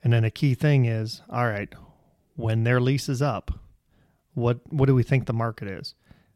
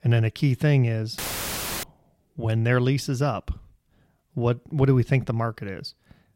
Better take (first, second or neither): first